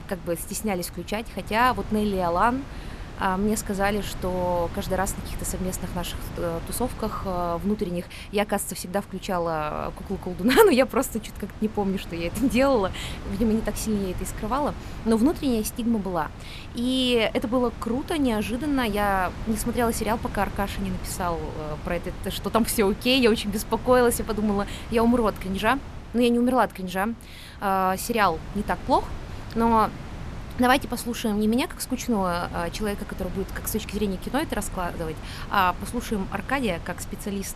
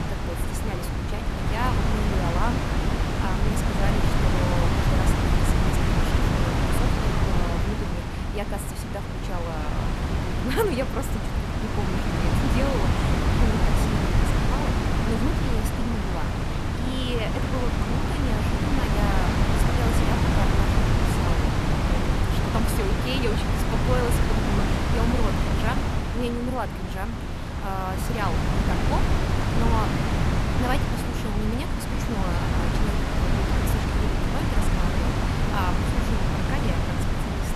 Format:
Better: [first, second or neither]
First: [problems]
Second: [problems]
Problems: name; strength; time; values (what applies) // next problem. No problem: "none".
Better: first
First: wind noise on the microphone; occasional gusts; 15 dB below the speech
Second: wind noise on the microphone; heavy; 4 dB above the speech